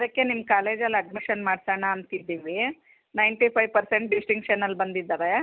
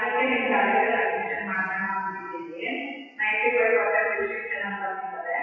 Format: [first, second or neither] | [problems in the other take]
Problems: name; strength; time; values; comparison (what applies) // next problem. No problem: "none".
first | noise reduction (classical method WPE with log-MMSE)